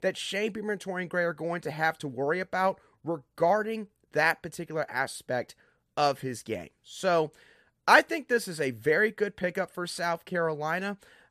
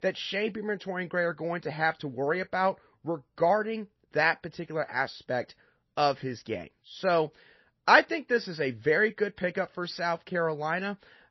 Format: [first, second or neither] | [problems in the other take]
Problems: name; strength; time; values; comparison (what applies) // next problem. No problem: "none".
first | garbled, watery; slightly; nothing above 5.5 kHz